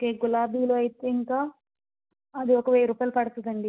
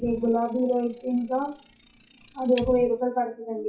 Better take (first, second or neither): first